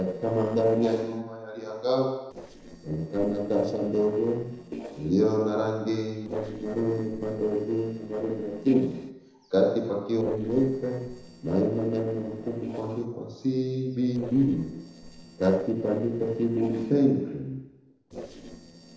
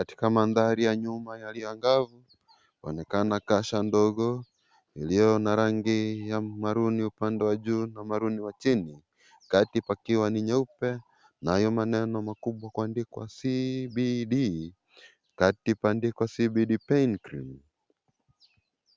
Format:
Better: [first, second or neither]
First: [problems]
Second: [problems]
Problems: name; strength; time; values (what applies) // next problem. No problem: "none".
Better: second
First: noise reduction (neural separator model SepFormer DNS4)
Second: none